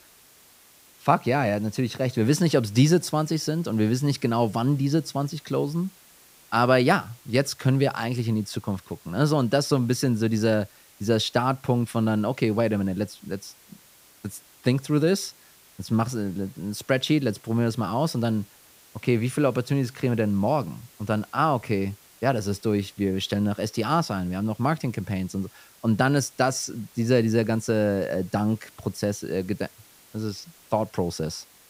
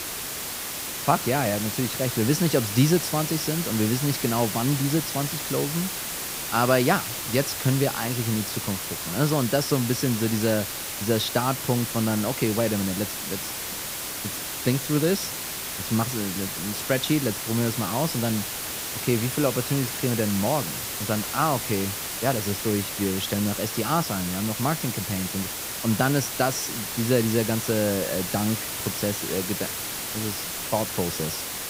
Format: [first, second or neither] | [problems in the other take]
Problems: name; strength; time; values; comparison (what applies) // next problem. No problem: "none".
first | hiss; loud; throughout; 3 dB below the speech; faint in the first